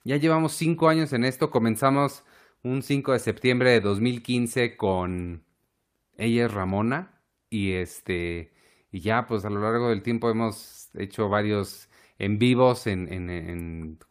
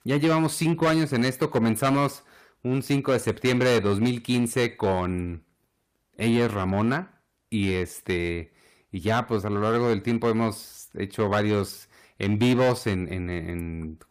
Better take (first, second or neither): first